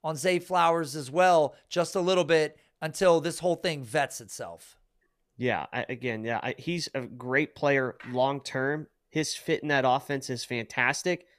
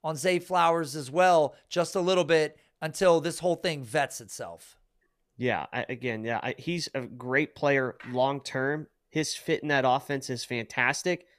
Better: neither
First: none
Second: none

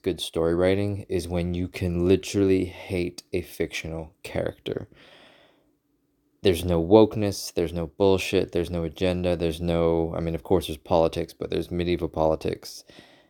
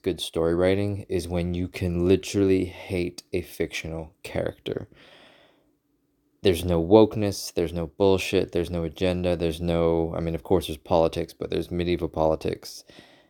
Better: neither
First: none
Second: none

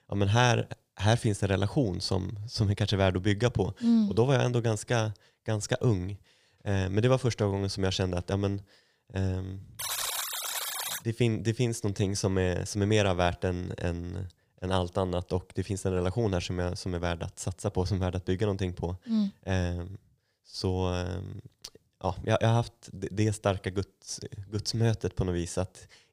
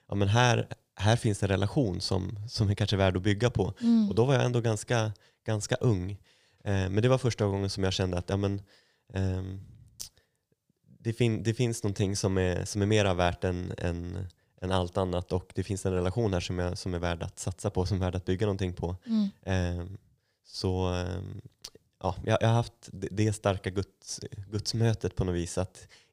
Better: second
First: alarm; noticeable; from 10 to 11 s; peak level with the speech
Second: none

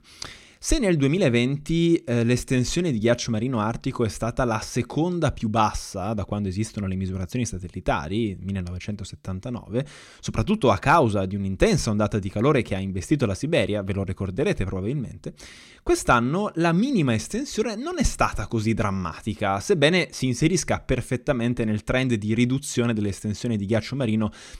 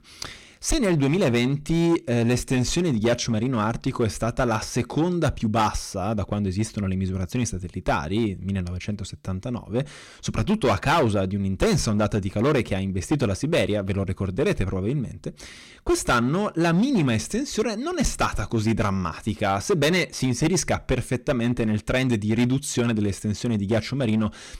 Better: first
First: none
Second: distortion; slight; 7% of the sound clipped

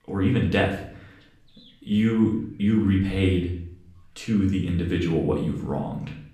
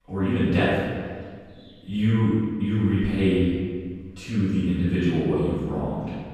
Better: first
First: room echo; slight; dies away in 0.5 s // off-mic speech; far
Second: room echo; strong; dies away in 1.6 s // off-mic speech; far

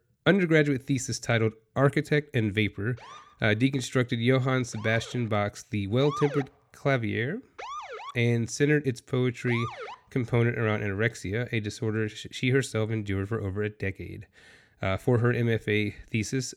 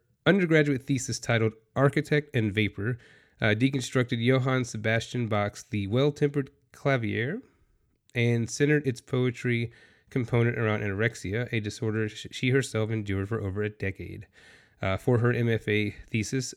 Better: second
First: siren; noticeable; from 3 to 10 s; peak 7 dB below the speech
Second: none

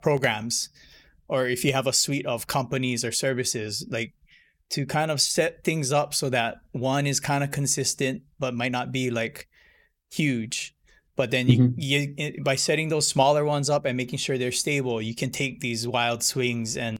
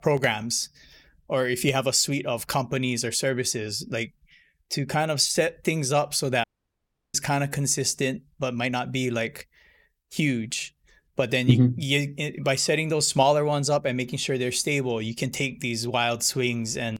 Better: first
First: none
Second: audio cutting out; at 6.5 s for 0.5 s

